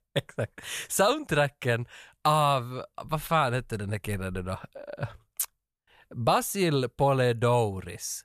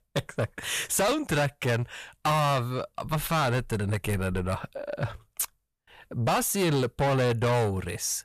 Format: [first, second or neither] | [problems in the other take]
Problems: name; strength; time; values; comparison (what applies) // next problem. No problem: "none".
first | distortion; heavy; 7 dB below the speech